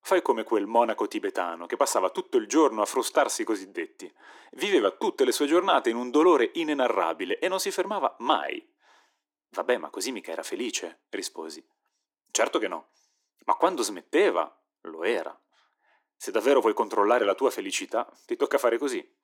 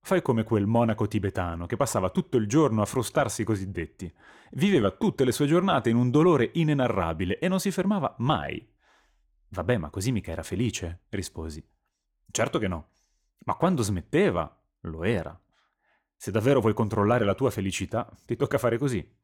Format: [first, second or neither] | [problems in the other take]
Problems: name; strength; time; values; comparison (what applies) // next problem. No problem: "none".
second | thin; somewhat; fading below 300 Hz